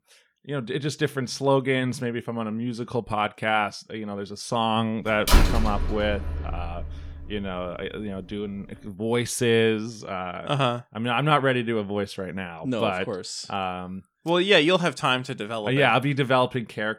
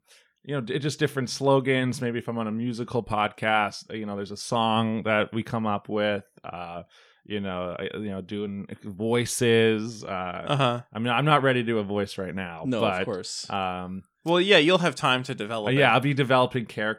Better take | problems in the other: second | door banging; loud; from 5.5 to 7 s; peak 4 dB above the speech

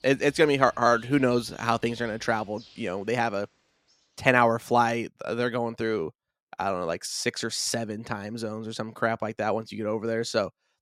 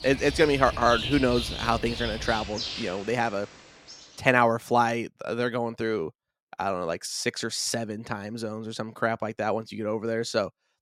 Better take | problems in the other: first | animal sounds; loud; until 3.5 s; 7 dB below the speech; faint in the first

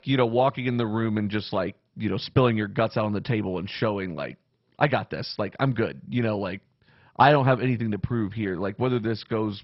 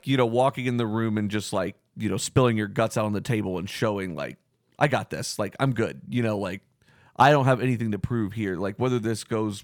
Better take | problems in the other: second | garbled, watery; badly; nothing above 5.5 kHz

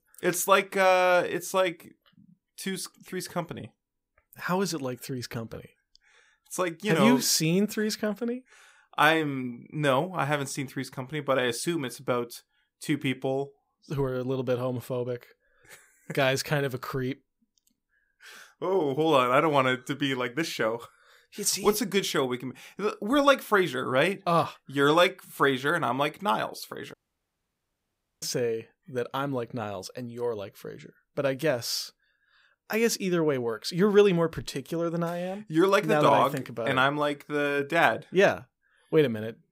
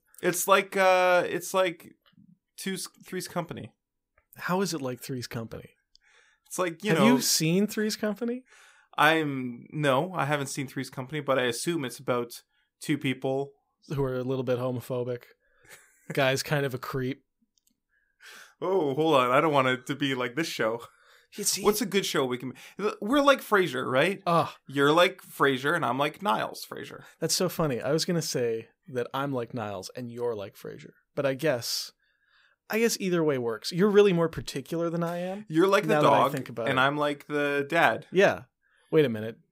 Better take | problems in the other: second | audio cutting out; at 27 s for 1.5 s

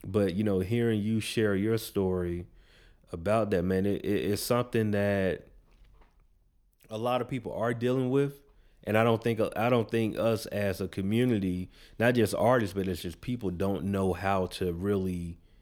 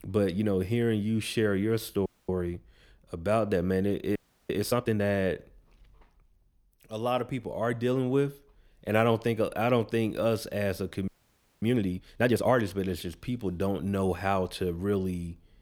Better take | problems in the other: first | audio freezing; at 2 s, at 4 s and at 11 s for 0.5 s

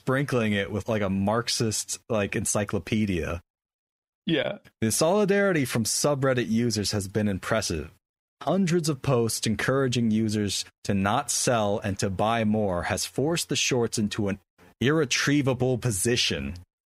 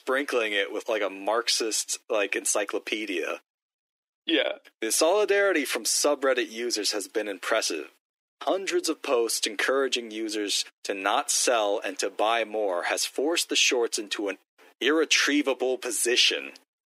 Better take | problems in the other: first | thin; somewhat; fading below 300 Hz

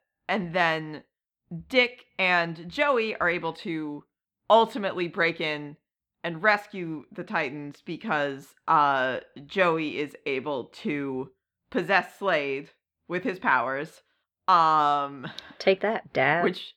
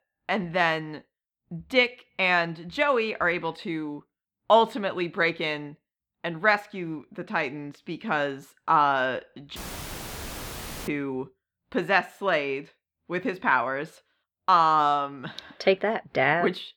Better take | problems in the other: first | audio cutting out; filled with static; at 9.5 s for 1.5 s

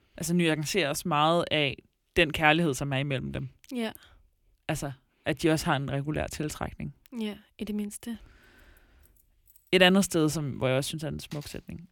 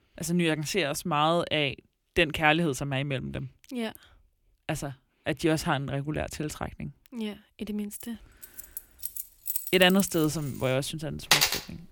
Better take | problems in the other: first | household noises; loud; from 8.5 s on; 1 dB below the speech; faint in the first

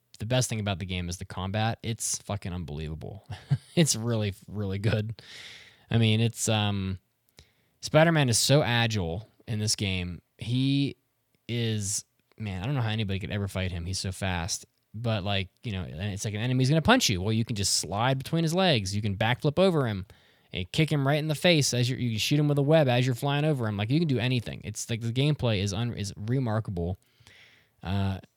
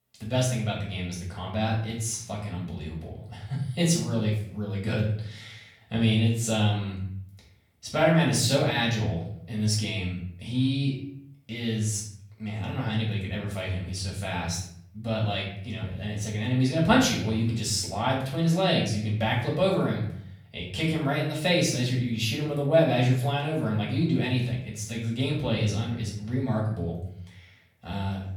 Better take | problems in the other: first | off-mic speech; far // room echo; noticeable; dies away in 0.6 s

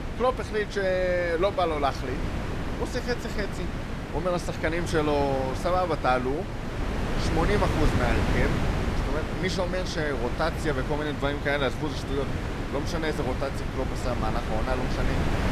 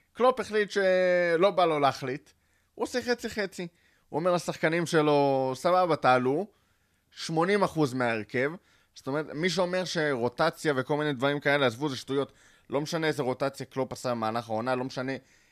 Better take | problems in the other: second | wind noise on the microphone; heavy; 6 dB below the speech

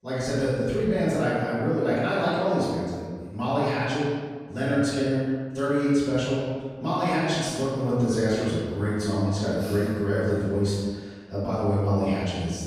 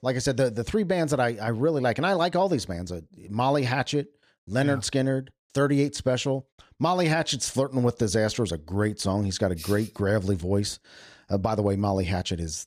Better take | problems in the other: second | off-mic speech; far // room echo; strong; dies away in 1.4 s

